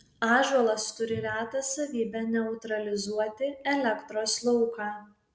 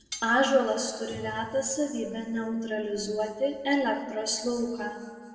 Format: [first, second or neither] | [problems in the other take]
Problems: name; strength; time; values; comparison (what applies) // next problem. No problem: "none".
first | background sound (Cutlery, silverware); 17 dB below the speech // room echo; dies away in 1.7 s